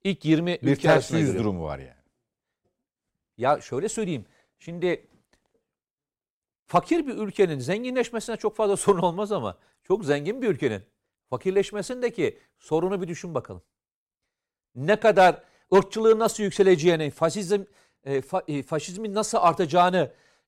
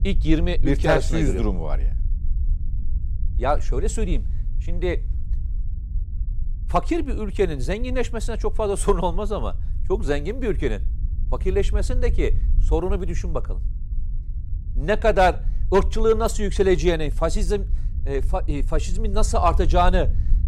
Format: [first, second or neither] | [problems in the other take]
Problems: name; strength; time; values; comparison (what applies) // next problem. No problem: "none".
first | low rumble; faint; throughout; 25 dB below the speech